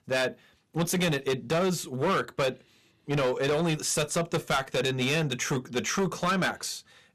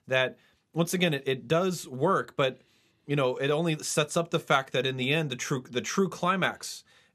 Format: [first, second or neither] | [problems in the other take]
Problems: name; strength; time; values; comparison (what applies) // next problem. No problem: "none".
second | distortion; heavy; 13% of the sound clipped